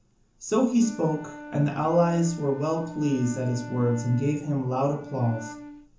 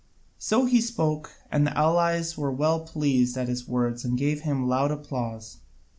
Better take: second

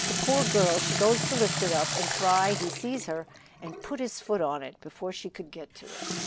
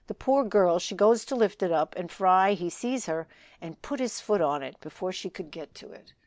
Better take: second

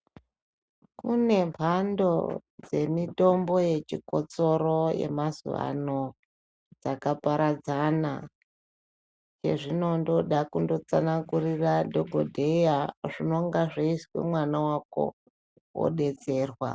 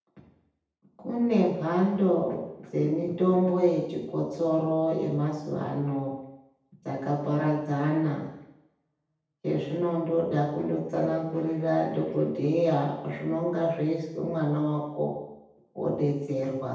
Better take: first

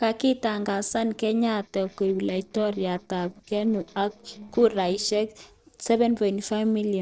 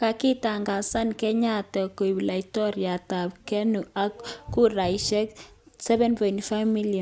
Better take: second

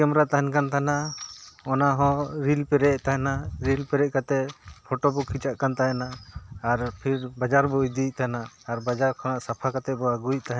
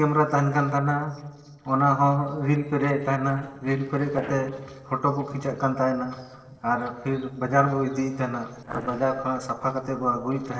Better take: first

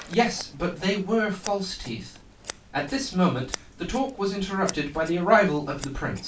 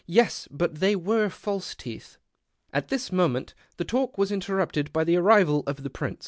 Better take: second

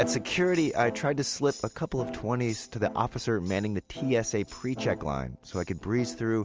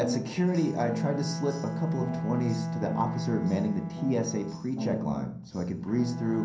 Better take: first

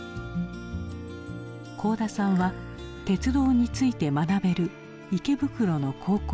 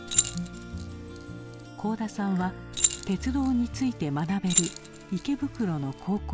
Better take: first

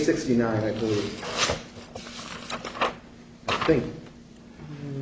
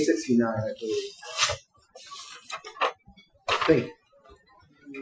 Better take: first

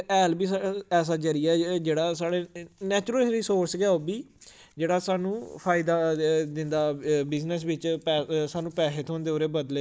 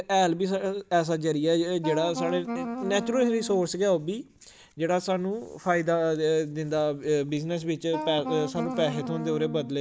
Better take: first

